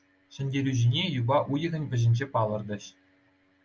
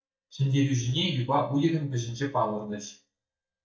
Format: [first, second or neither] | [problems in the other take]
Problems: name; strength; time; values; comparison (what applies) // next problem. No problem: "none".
first | noise reduction (neural mask model DeepFilterNet 3)